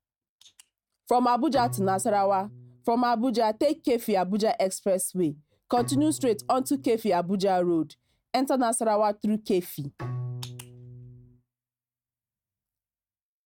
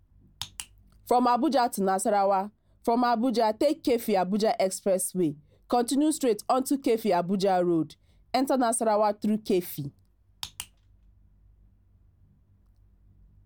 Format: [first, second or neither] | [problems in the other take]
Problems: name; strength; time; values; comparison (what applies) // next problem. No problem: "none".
second | noise reduction (neural mask model RNNoise)